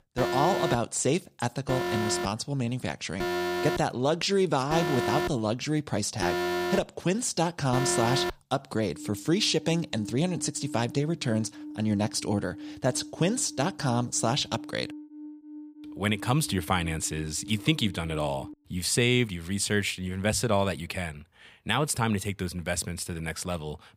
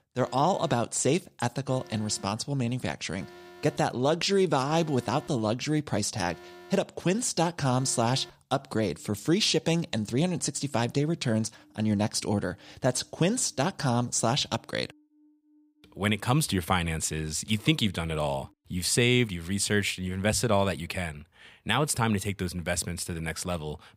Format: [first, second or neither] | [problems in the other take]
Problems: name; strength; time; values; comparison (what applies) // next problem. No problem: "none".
second | alarms or sirens; loud; throughout; 7 dB below the speech; faint in the second